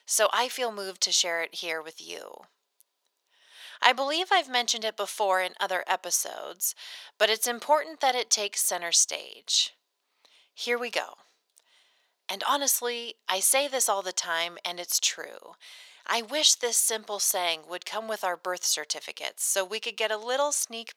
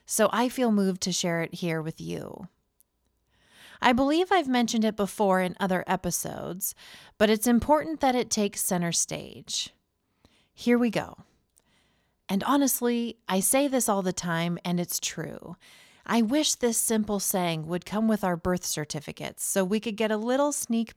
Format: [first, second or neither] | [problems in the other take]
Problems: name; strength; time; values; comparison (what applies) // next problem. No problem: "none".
second | thin; very; fading below 500 Hz